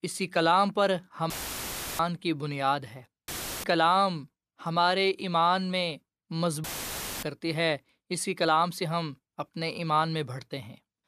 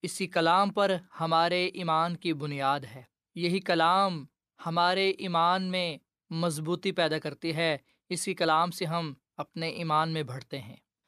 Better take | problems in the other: second | audio cutting out; filled with static; at 1.5 s for 0.5 s, at 3.5 s and at 6.5 s for 0.5 s

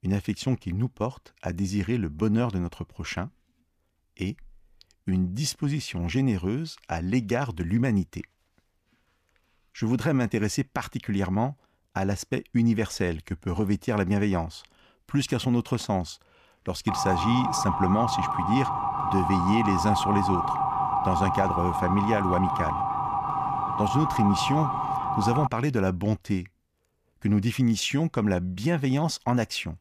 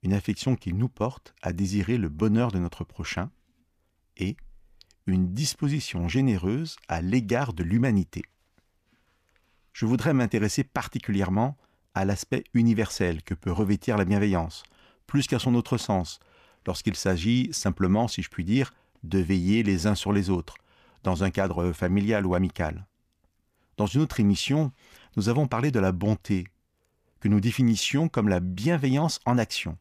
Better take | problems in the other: second | siren; loud; from 17 to 25 s; peak 2 dB above the speech

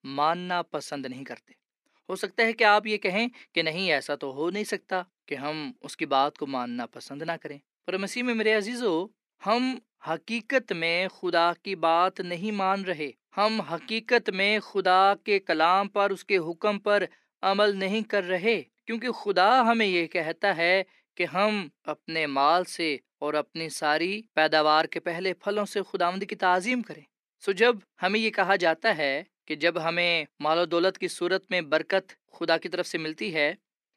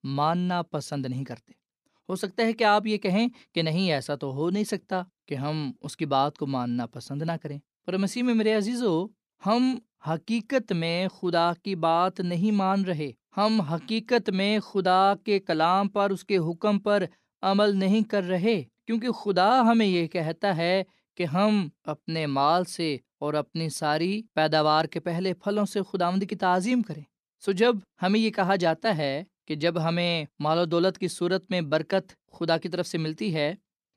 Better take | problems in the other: second | thin; somewhat; fading below 350 Hz

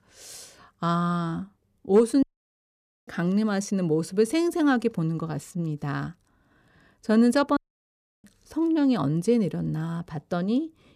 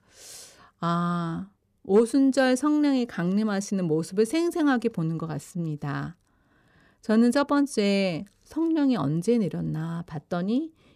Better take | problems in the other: second | audio cutting out; at 2 s for 1 s and at 7.5 s for 0.5 s

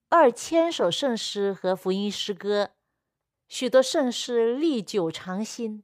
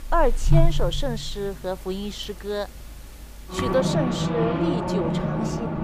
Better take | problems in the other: first | traffic noise; very loud; throughout; 3 dB above the speech

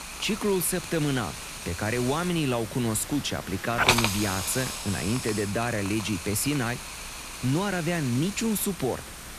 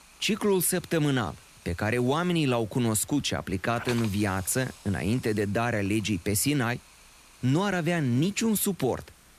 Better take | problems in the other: second | hiss; loud; throughout; 4 dB below the speech; faint in the second

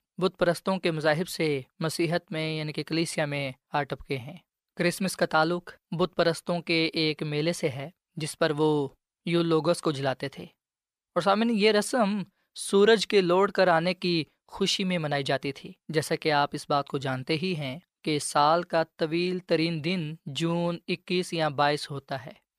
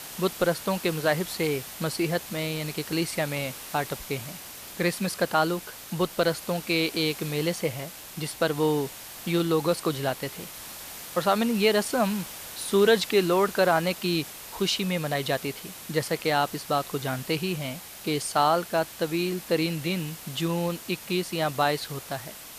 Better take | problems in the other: first | hiss; noticeable; throughout; 10 dB below the speech

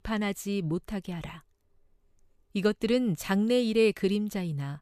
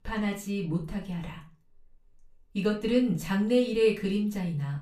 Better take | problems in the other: first | off-mic speech; far // room echo; very slight; dies away in 0.3 s

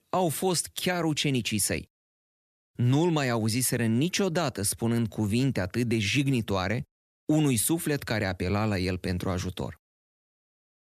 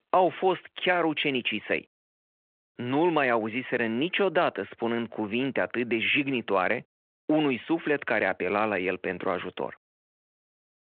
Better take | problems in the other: first | phone-call audio

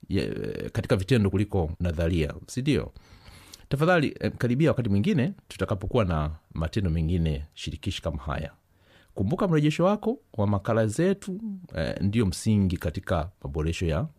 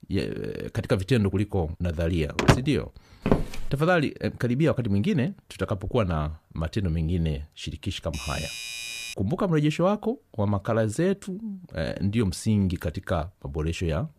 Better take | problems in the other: first | door banging; loud; at 2.5 s; peak 5 dB above the speech // footsteps; loud; at 3.5 s; peak 1 dB above the speech // doorbell; noticeable; from 8 to 9 s; peak 5 dB below the speech

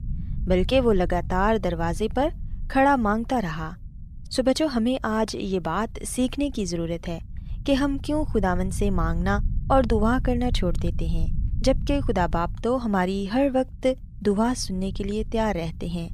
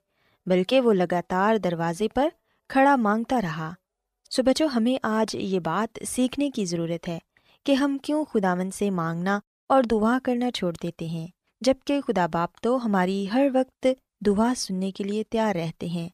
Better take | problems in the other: second | low rumble; faint; throughout; 25 dB below the speech

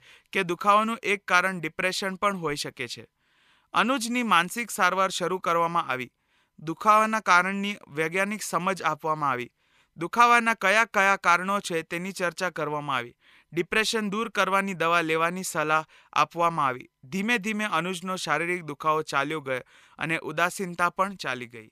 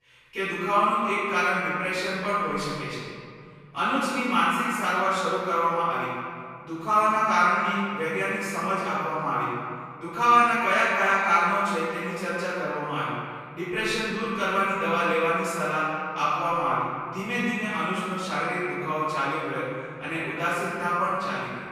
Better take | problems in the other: first | room echo; strong; dies away in 2.5 s // off-mic speech; far

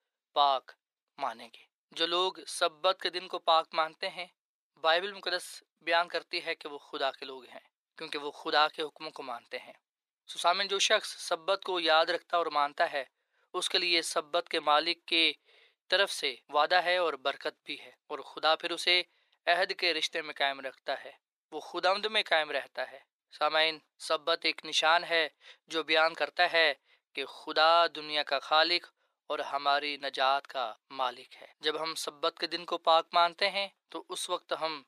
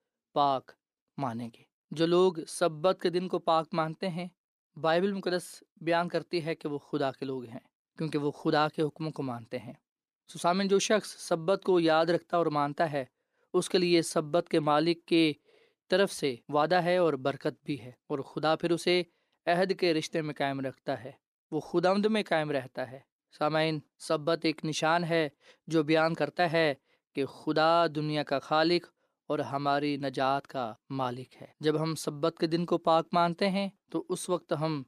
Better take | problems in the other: second | thin; very; fading below 700 Hz

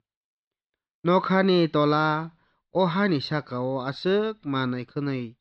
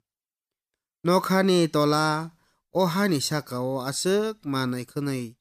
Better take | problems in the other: second | muffled; very slightly; fading above 4 kHz

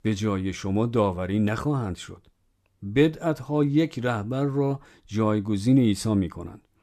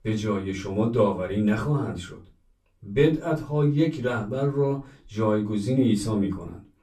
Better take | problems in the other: first | off-mic speech; far // room echo; very slight; dies away in 0.2 s

